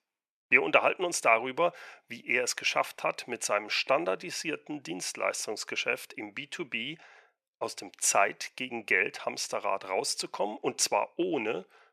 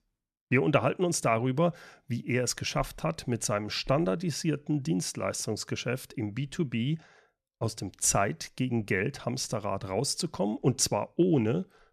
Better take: second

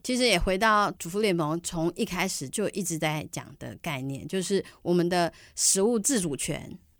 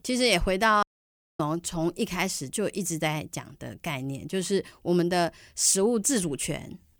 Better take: first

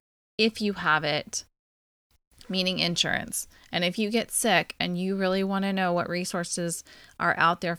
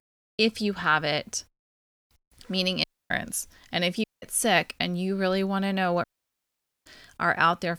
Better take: first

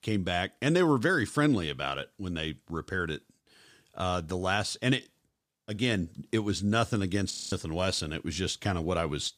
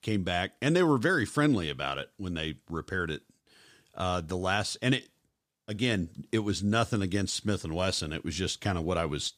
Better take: second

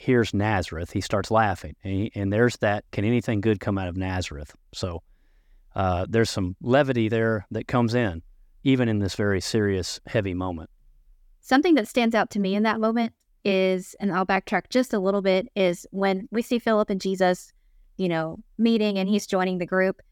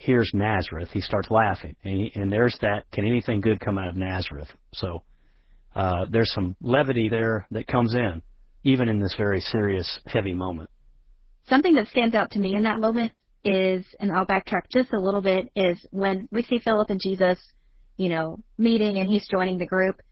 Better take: first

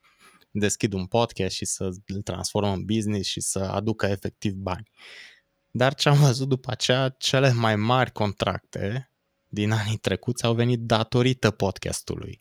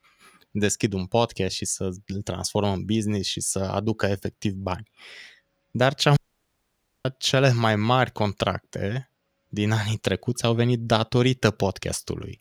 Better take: first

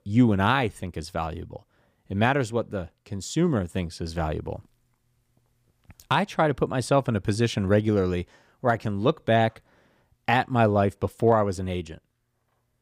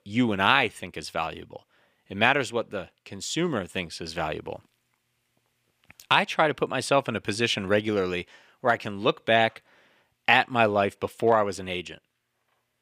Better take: first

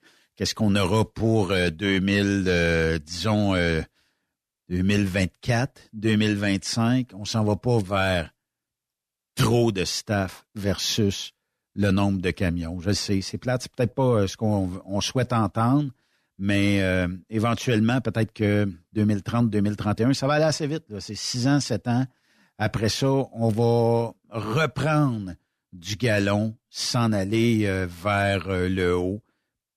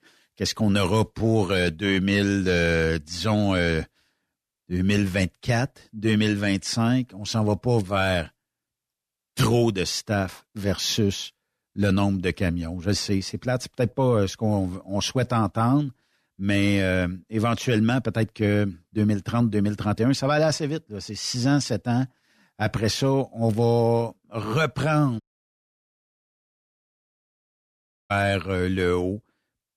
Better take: first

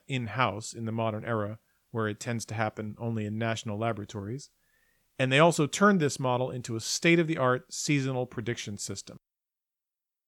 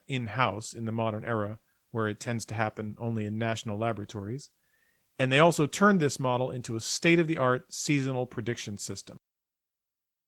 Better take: first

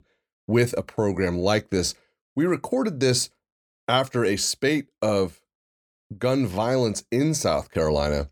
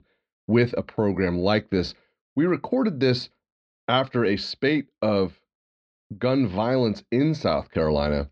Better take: first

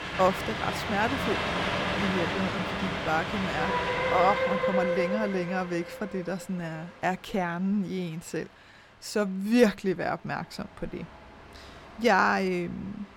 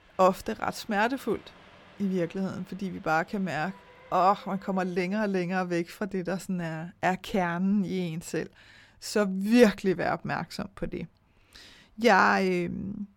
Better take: second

